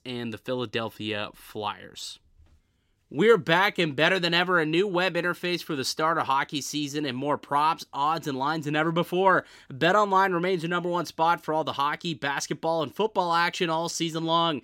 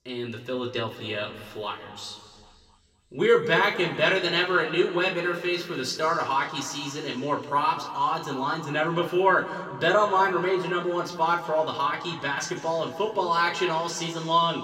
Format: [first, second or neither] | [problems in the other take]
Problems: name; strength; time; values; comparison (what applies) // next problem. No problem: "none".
first | room echo; slight; dies away in 2.2 s // off-mic speech; somewhat distant